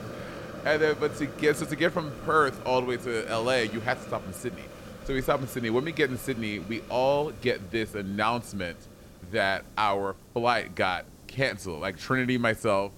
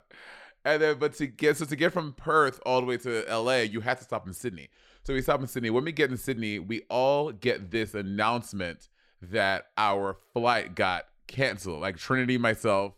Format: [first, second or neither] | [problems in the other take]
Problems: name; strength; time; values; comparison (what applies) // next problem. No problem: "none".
second | hiss; noticeable; throughout; 15 dB below the speech